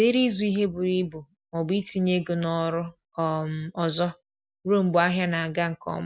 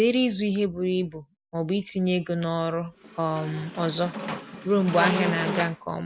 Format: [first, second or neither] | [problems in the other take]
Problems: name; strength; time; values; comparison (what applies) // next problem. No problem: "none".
first | background sound (Squeak); 6 dB below the speech